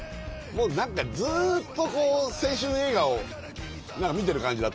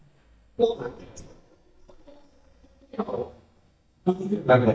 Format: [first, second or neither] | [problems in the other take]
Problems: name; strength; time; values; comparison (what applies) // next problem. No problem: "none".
first | noise reduction (neural mask model DeepFilterNet 3)